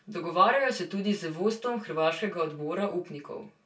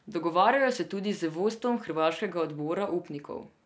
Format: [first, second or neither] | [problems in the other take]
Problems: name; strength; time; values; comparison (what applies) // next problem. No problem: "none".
second | room echo; dies away in 0.2 s